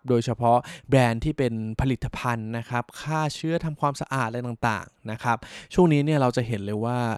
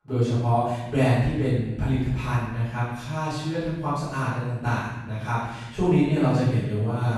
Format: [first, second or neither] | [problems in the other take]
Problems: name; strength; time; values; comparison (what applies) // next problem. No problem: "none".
first | off-mic speech; far // room echo; strong; dies away in 1.2 s